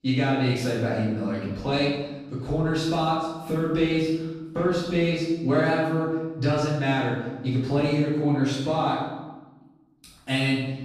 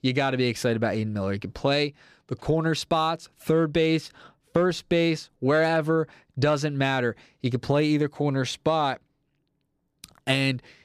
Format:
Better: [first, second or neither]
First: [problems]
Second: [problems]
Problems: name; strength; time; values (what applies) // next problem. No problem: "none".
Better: second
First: off-mic speech; far // room echo; strong; dies away in 1 s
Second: none